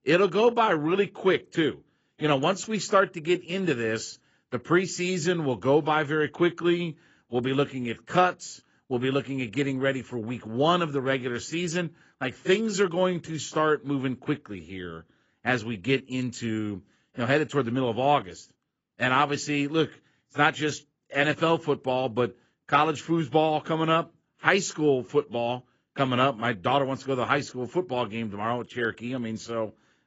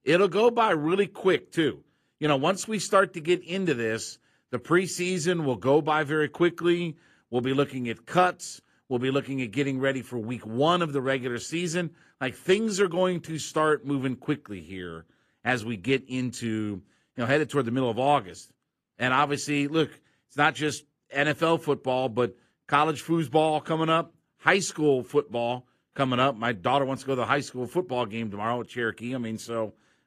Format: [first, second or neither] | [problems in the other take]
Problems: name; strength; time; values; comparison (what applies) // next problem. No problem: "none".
second | garbled, watery; badly; nothing above 7.5 kHz; slightly in the second